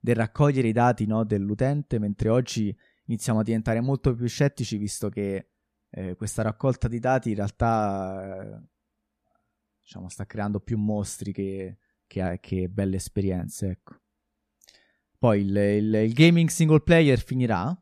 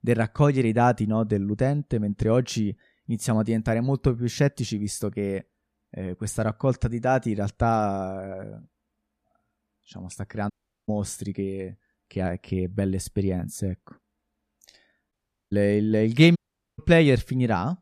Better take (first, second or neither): first